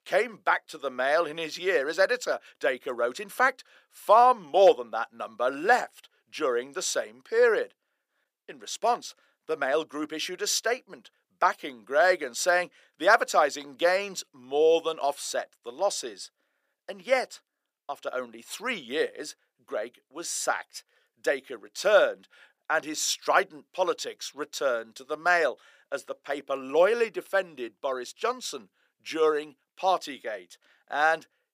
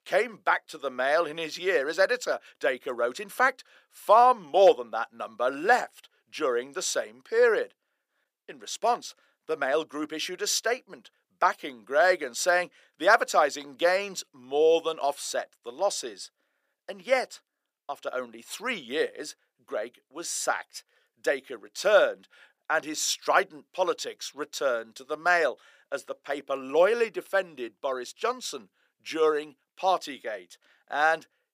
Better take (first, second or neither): neither